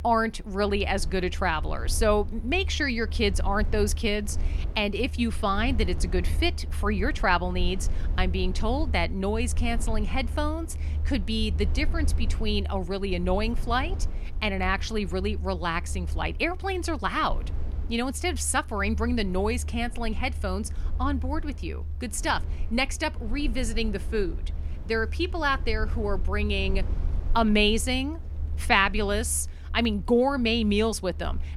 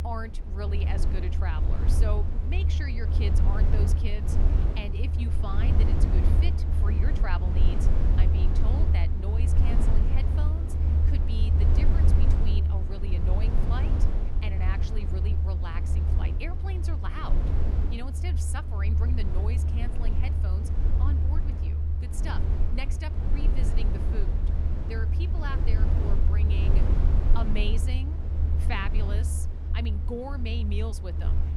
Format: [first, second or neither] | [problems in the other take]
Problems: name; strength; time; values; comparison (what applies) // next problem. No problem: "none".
first | low rumble; loud; throughout; 1 dB below the speech; faint in the first